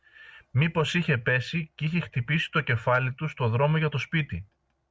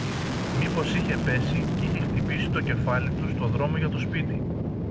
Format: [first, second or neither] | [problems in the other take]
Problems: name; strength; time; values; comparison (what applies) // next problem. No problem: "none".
first | background sound (Fixed-wing aircraft, airplane); 3 dB above the speech